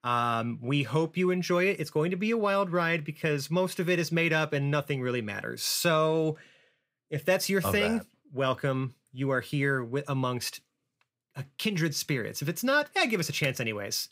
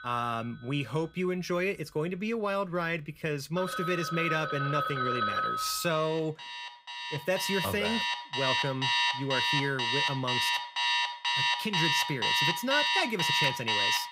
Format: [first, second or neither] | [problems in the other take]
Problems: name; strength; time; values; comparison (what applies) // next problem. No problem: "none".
first | alarms or sirens; very loud; throughout; 4 dB above the speech